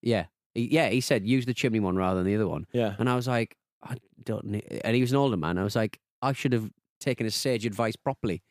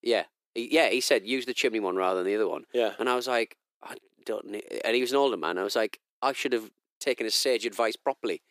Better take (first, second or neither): first